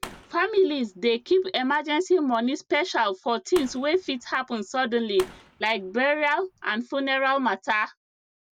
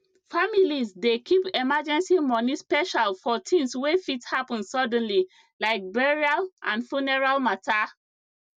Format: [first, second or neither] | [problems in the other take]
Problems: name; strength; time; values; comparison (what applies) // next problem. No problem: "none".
second | background sound (Fireworks); 20 dB below the speech